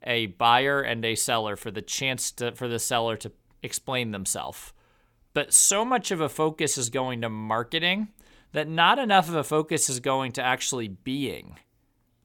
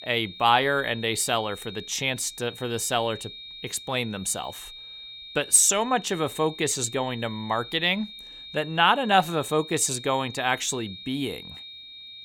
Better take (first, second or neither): first